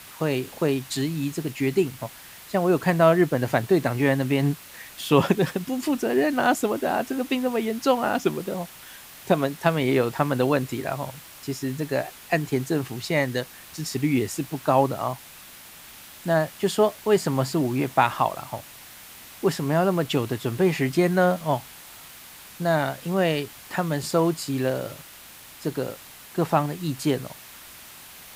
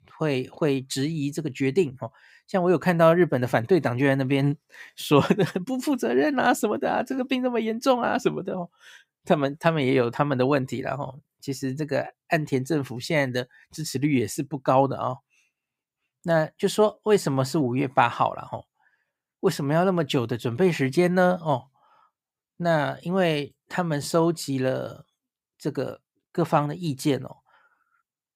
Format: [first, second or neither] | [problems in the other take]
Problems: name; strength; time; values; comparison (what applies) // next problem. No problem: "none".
second | hiss; noticeable; throughout; 20 dB below the speech